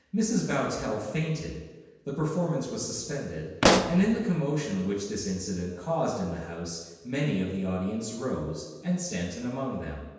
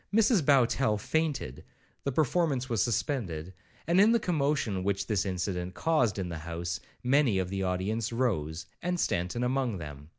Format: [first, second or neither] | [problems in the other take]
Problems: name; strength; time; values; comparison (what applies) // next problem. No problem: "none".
second | background sound (Explosion); 3 dB above the speech // room echo; dies away in 1.2 s